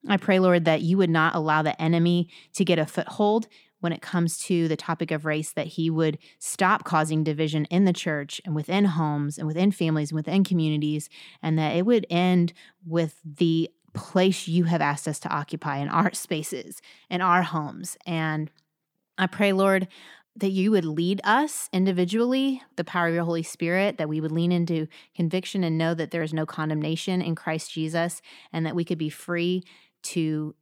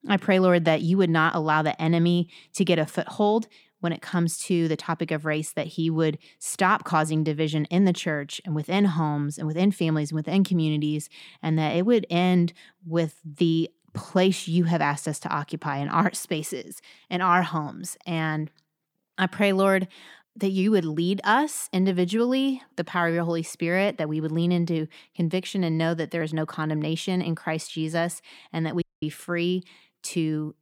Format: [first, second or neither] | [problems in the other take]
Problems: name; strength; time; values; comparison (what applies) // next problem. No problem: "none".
first | audio cutting out; at 29 s